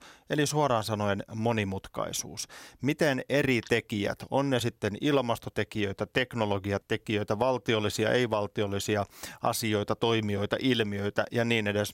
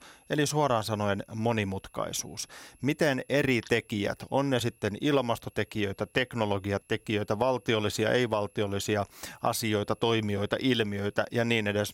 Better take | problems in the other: first | high-pitched whine; faint; throughout; 11 kHz, 30 dB below the speech

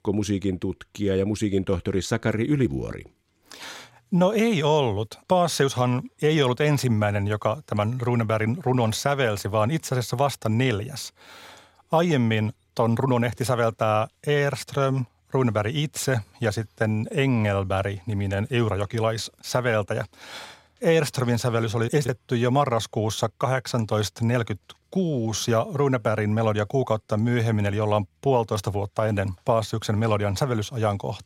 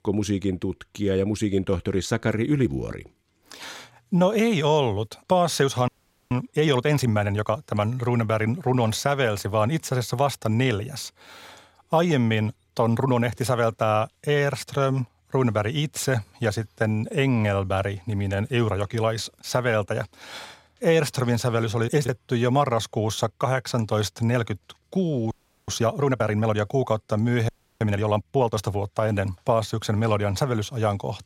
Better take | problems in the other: first | audio freezing; at 6 s, at 25 s and at 27 s

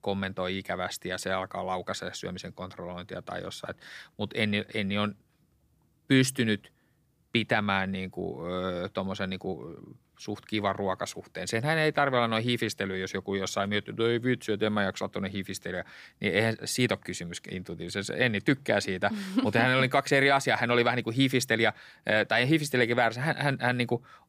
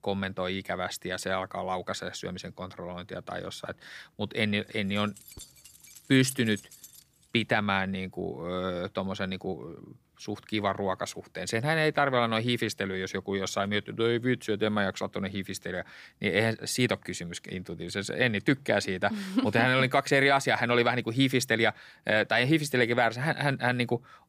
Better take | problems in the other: first | jangling keys; faint; from 5 to 7.5 s; peak 15 dB below the speech

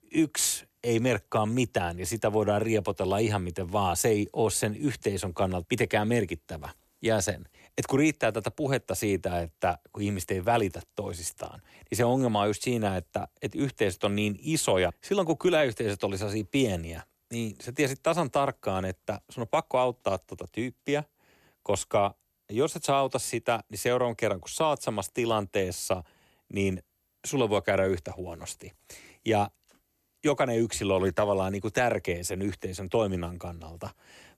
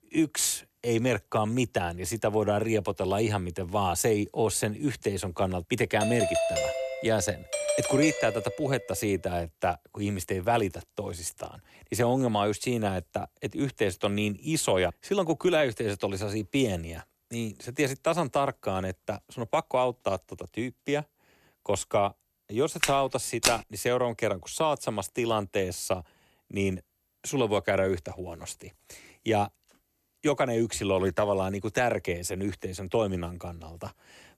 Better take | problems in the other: first | doorbell; loud; from 6 to 9 s; peak 2 dB above the speech // footsteps; loud; at 23 s; peak 2 dB above the speech

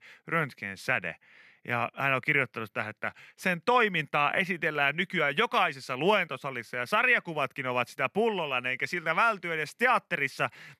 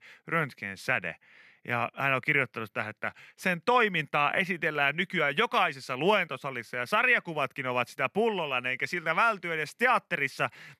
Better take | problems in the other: neither | none

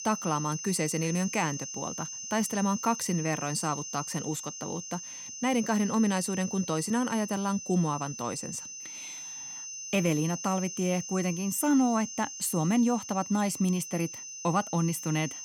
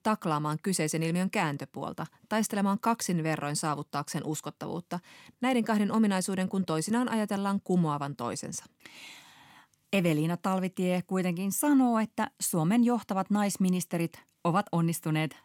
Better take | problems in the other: second | high-pitched whine; loud; throughout; 6 kHz, 8 dB below the speech

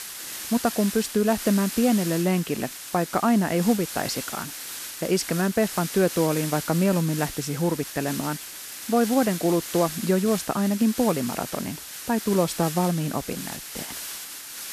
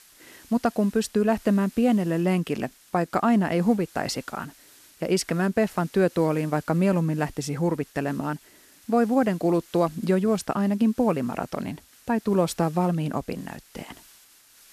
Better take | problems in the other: second | hiss; loud; throughout; 9 dB below the speech; faint in the second

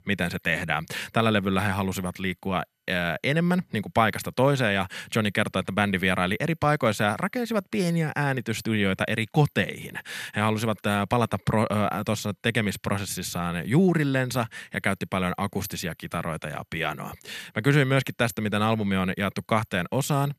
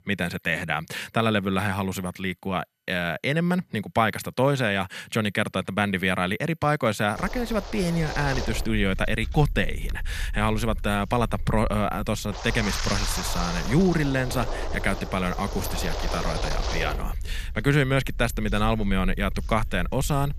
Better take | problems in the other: first | wind noise on the microphone; heavy; from 7 s on; 7 dB below the speech

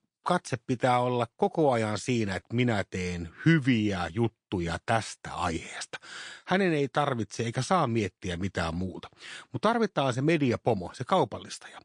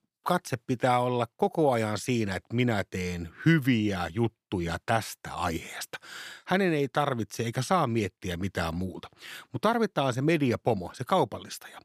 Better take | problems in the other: second | garbled, watery; slightly; nothing above 8.5 kHz

